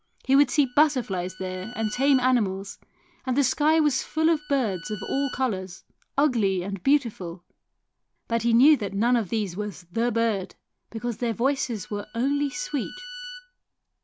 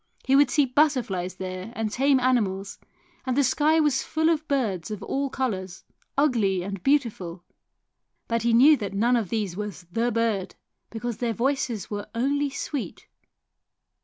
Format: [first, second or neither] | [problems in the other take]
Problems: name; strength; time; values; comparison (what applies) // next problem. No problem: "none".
second | background sound (Bowed string instrument); 19 dB below the speech